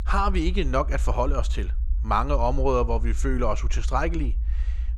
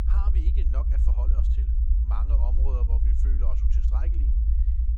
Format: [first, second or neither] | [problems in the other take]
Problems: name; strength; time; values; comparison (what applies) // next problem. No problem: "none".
first | low rumble; loud; throughout; 1 dB below the speech; faint in the first